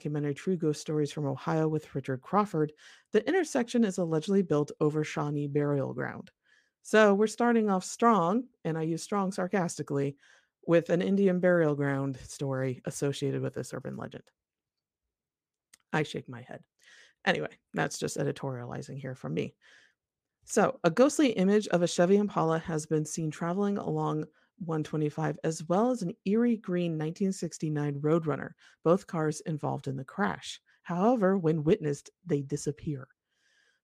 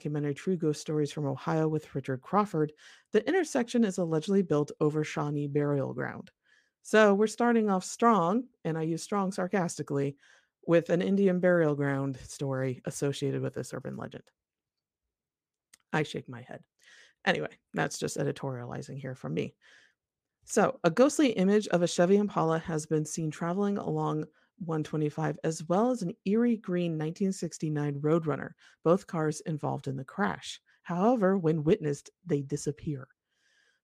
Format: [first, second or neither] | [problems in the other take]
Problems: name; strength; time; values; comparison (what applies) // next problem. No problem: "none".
neither | none